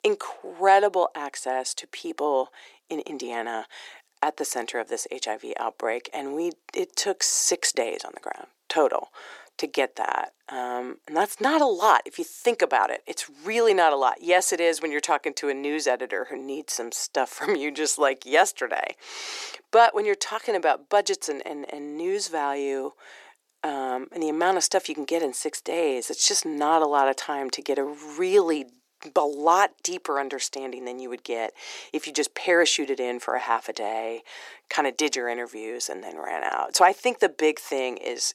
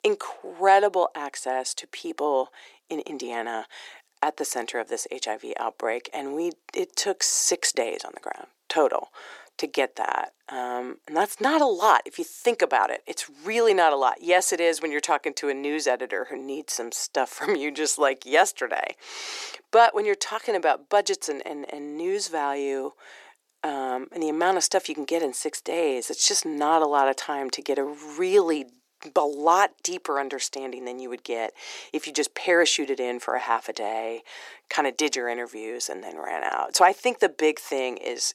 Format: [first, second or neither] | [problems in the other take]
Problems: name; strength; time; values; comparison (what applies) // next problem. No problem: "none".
neither | thin; very; fading below 350 Hz; the same in both